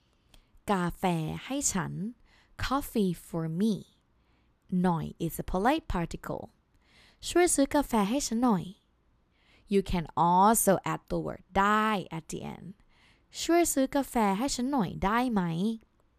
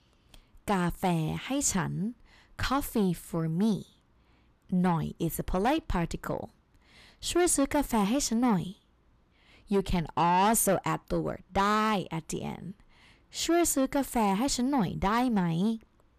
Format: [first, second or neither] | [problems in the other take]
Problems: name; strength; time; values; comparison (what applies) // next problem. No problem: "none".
first | distortion; slight; 10 dB below the speech